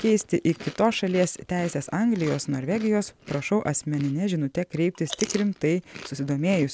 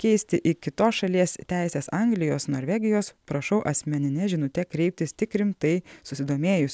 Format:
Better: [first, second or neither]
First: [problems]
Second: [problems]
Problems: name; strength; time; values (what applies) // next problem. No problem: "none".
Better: second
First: background sound (Chewing, mastication); 17 dB below the speech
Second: none